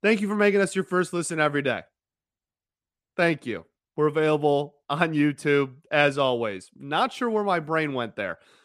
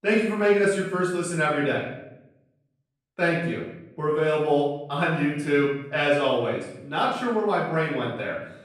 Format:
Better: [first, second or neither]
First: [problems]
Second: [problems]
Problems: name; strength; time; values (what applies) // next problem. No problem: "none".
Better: first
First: none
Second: off-mic speech; far // room echo; noticeable; dies away in 0.7 s